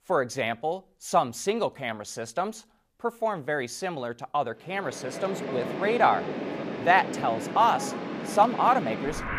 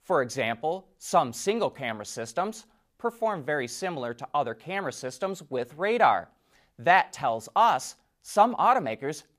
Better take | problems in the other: second | rain or running water; loud; from 5 s on; 7 dB below the speech

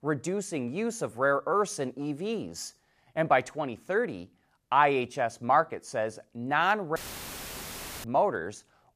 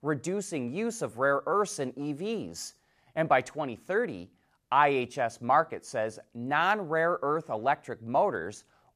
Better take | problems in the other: second | audio cutting out; filled with static; at 7 s for 1 s

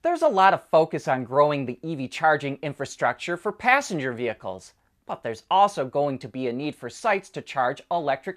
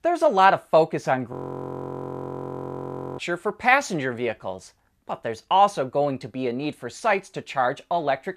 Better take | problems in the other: first | audio freezing; at 1.5 s for 2 s

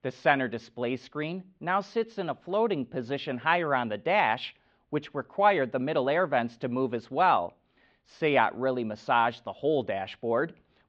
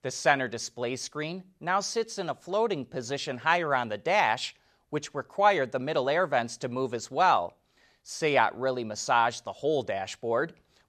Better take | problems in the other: second | muffled; very; fading above 3 kHz

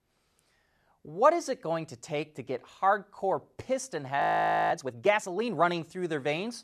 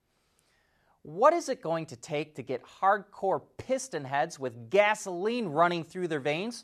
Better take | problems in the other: second | audio freezing; at 4 s for 0.5 s

